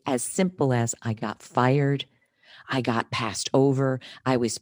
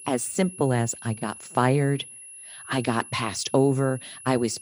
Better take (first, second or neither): first